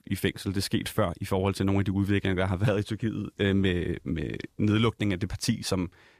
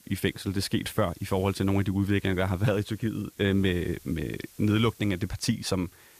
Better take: first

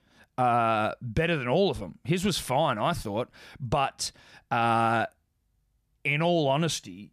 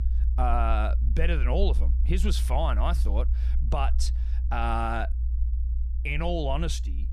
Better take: first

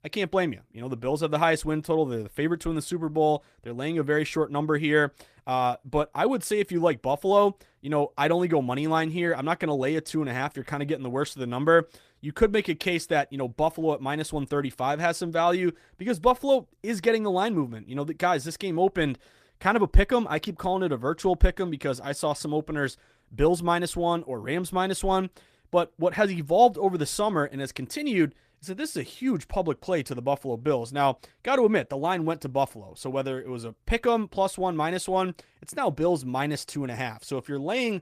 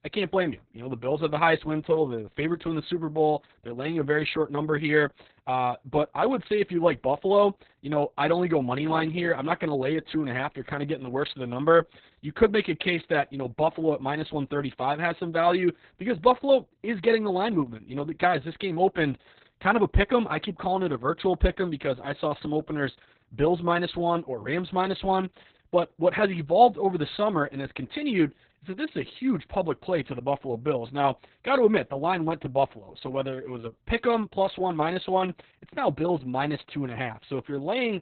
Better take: first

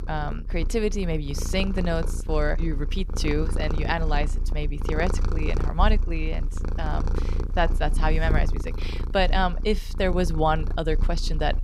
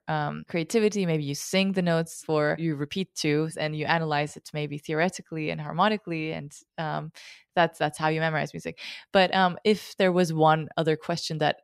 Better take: second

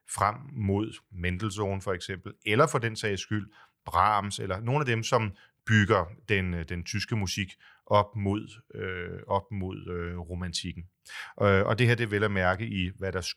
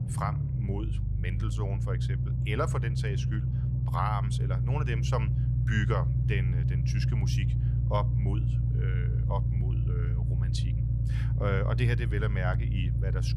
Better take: first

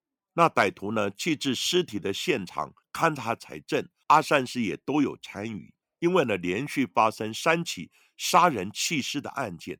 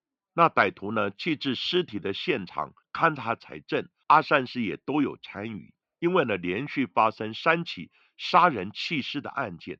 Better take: first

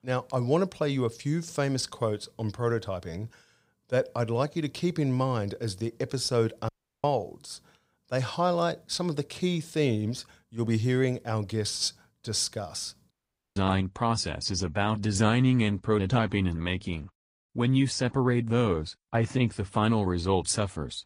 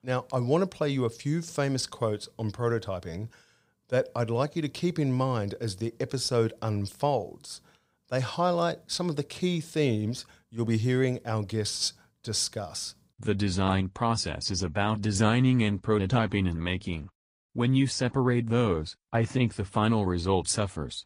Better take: second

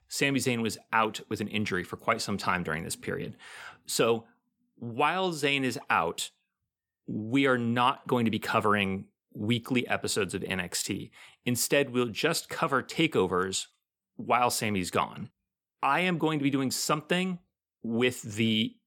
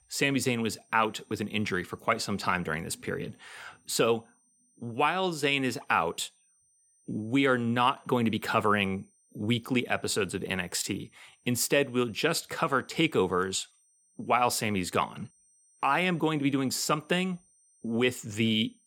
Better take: first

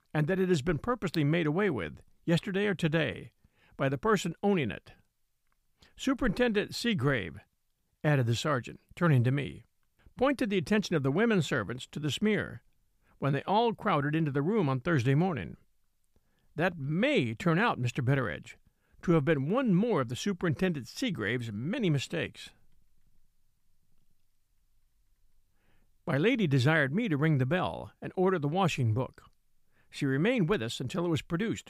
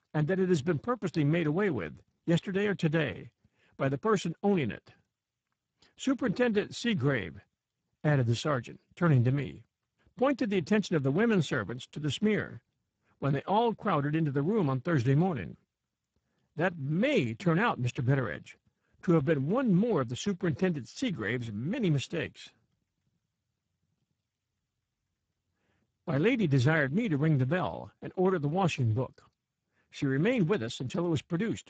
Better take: first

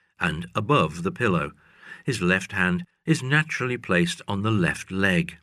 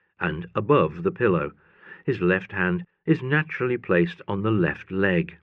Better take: first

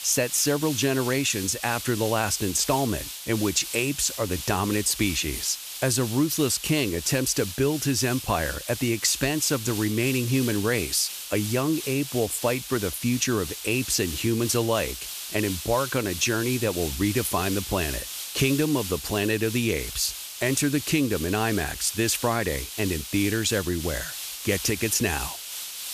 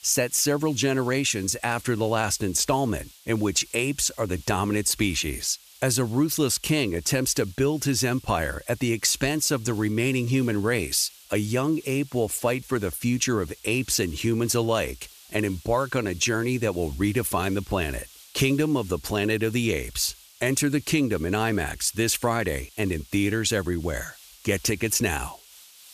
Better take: second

